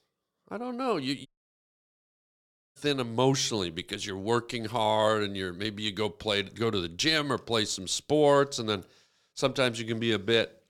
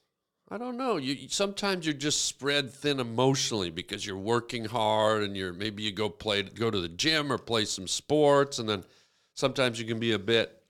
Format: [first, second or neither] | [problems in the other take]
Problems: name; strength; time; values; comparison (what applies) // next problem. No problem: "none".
second | audio cutting out; at 1.5 s for 1.5 s